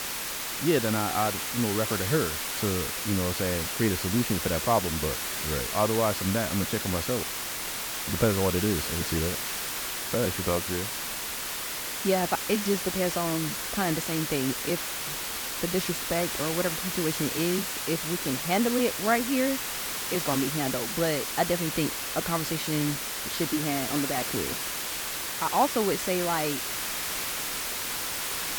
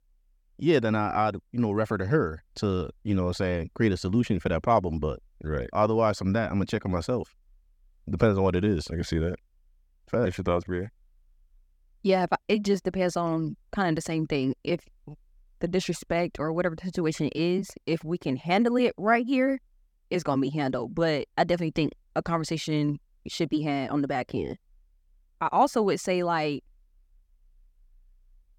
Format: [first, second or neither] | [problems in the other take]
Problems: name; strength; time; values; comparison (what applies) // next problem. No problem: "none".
second | hiss; loud; throughout; 1 dB below the speech